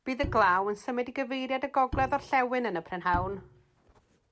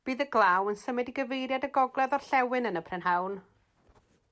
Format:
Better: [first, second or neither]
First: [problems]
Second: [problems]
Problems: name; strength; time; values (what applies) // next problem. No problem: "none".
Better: second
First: background sound (Bowed string instrument); 12 dB below the speech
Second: none